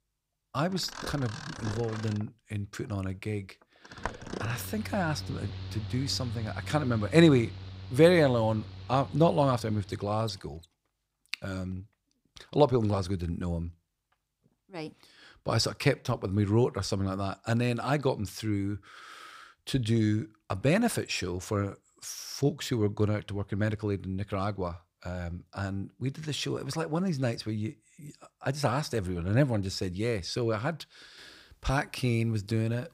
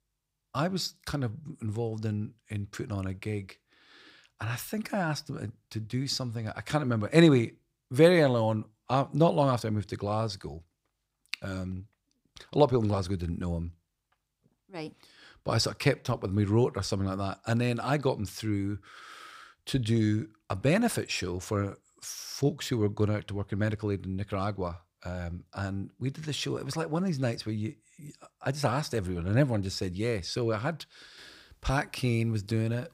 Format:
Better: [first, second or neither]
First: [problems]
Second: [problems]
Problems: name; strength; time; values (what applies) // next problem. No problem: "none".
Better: second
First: machinery noise; noticeable; until 10 s; 10 dB below the speech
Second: none